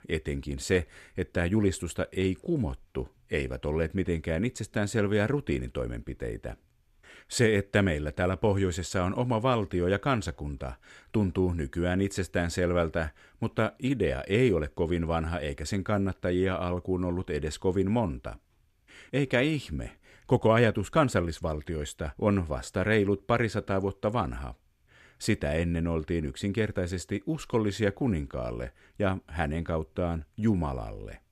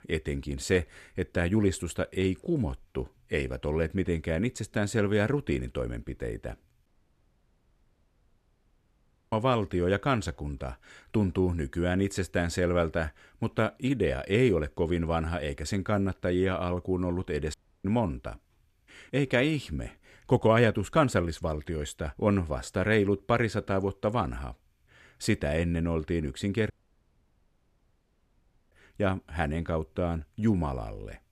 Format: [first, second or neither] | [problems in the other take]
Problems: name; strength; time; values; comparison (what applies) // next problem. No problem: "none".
first | audio cutting out; at 7 s for 2.5 s, at 18 s and at 27 s for 2 s